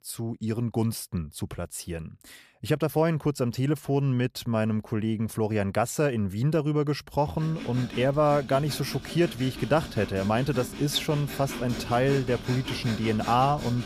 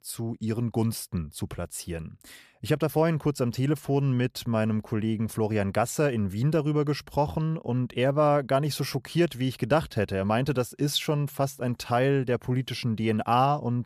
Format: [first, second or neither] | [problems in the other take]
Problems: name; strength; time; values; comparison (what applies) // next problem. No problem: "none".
second | machinery noise; noticeable; from 7.5 s on; 10 dB below the speech